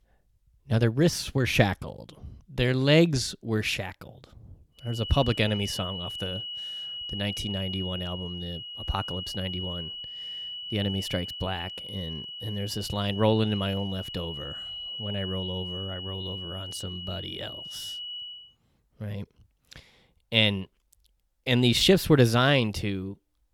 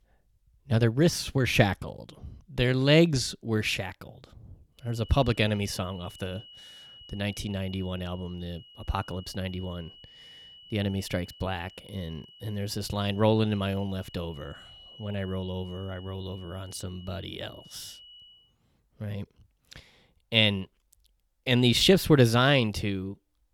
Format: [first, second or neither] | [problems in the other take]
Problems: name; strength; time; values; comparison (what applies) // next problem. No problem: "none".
second | high-pitched whine; loud; from 5 to 18 s; 3 kHz, 8 dB below the speech; faint in the second